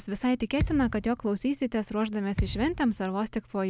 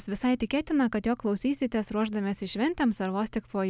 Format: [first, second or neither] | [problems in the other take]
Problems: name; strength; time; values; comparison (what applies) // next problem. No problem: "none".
second | background sound (Thump, thud); 7 dB below the speech